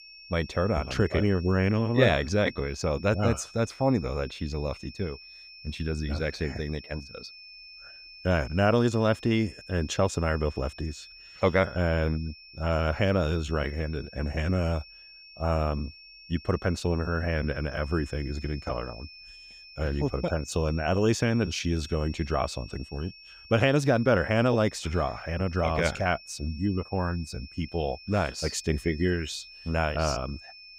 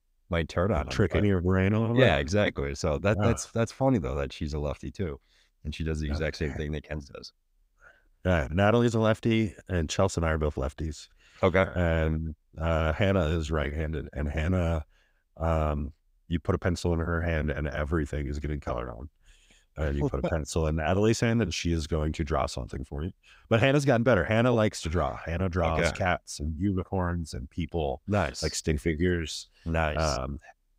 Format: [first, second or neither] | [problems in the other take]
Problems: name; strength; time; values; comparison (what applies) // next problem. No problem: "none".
second | high-pitched whine; noticeable; throughout; 5.5 kHz, 20 dB below the speech